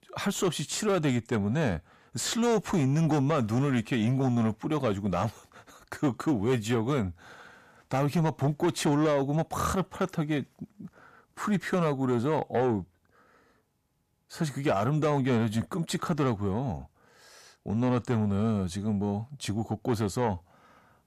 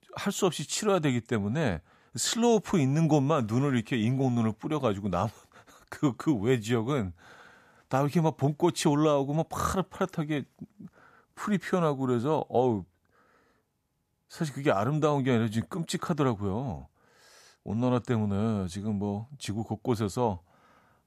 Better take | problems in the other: second | distortion; slight; 10 dB below the speech

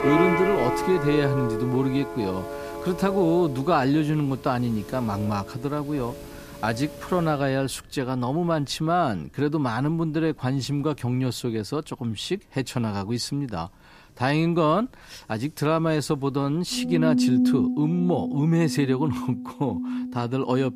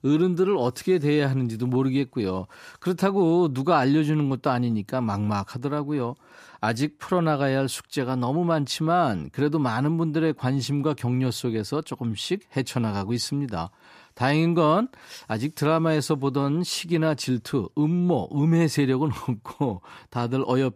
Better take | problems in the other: second | background music; loud; throughout; 3 dB below the speech

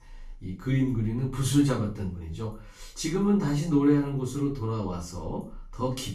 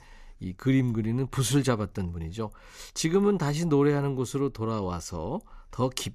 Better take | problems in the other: second | room echo; slight; dies away in 0.3 s // off-mic speech; far

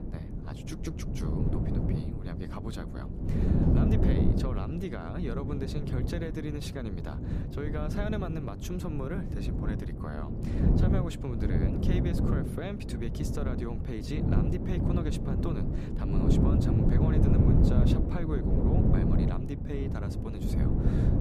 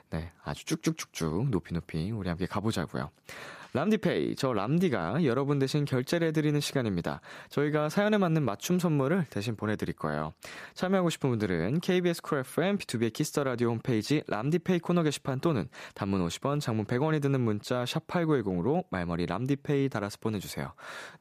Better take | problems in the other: second | wind noise on the microphone; heavy; 3 dB above the speech

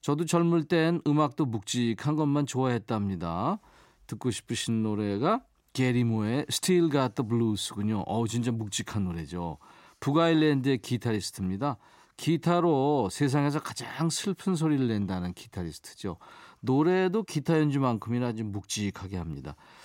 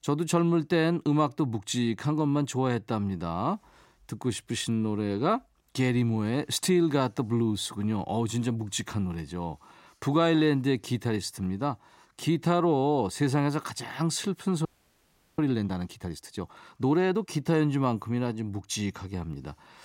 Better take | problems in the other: first | audio freezing; at 15 s for 0.5 s

